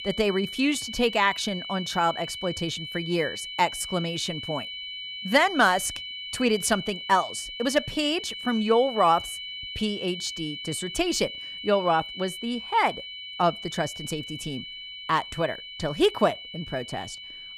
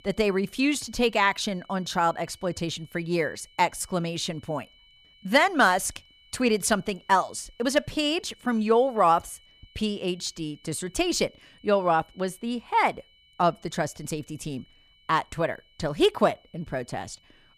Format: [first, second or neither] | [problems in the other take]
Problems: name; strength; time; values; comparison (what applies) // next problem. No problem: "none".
second | high-pitched whine; loud; throughout; 3 kHz, 9 dB below the speech; faint in the second